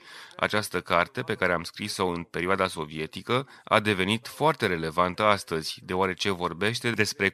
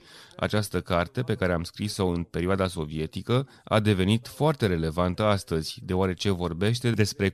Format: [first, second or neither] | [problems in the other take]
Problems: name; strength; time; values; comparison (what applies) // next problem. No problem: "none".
second | thin; somewhat; fading below 650 Hz